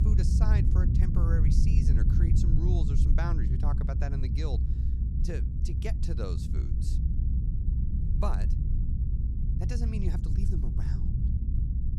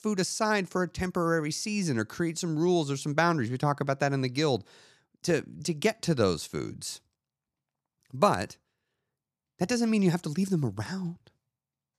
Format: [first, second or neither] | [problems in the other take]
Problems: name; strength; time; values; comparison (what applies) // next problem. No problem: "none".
second | low rumble; loud; throughout; 1 dB below the speech